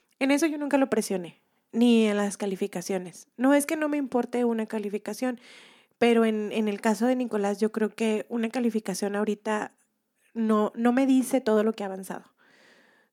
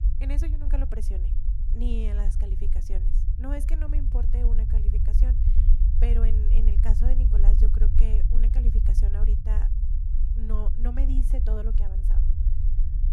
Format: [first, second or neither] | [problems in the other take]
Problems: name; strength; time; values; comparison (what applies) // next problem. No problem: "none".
first | low rumble; loud; throughout; 3 dB below the speech